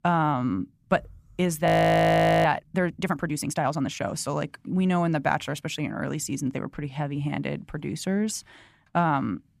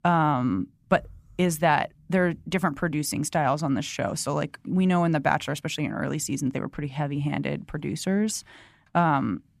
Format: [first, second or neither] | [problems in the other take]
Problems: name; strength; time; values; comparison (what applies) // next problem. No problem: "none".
second | audio freezing; at 1.5 s for 1 s